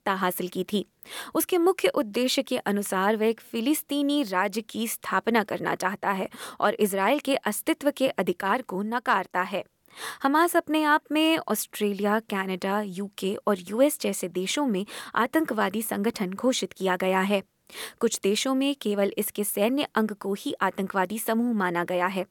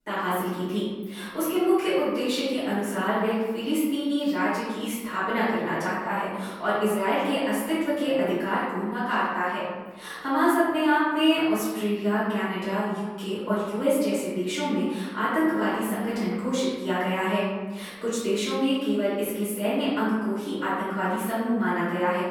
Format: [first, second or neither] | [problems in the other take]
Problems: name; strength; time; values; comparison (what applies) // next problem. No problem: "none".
first | off-mic speech; far // room echo; strong; dies away in 1.2 s